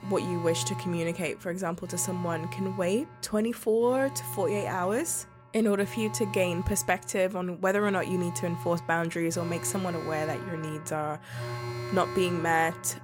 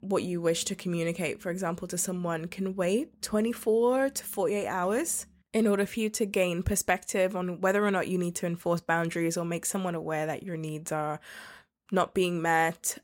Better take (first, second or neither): second